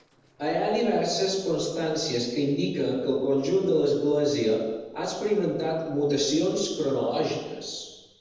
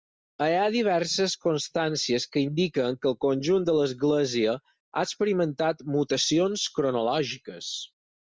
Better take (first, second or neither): second